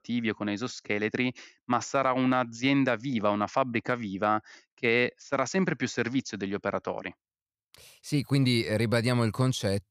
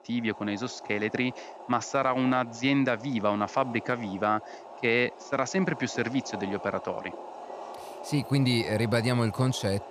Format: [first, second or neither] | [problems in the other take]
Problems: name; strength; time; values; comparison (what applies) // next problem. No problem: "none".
first | household noises; noticeable; throughout; 15 dB below the speech